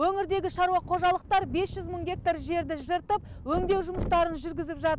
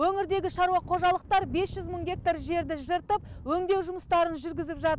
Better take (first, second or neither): second